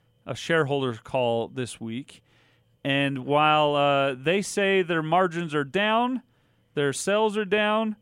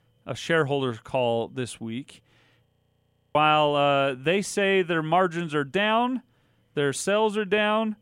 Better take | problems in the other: first | audio freezing; at 2.5 s for 0.5 s

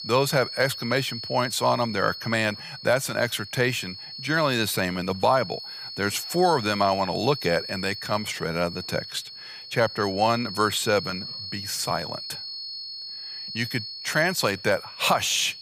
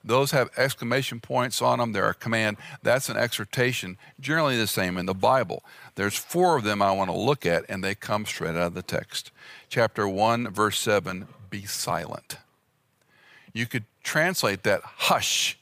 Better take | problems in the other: second | high-pitched whine; loud; throughout; 4.5 kHz, 9 dB below the speech

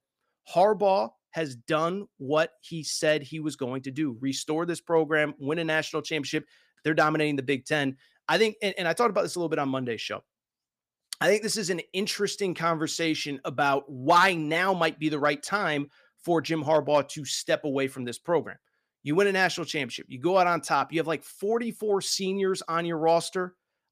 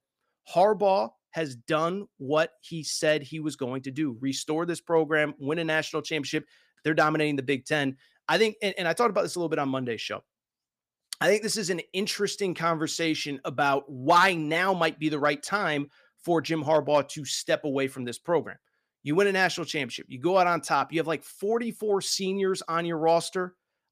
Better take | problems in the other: neither | none

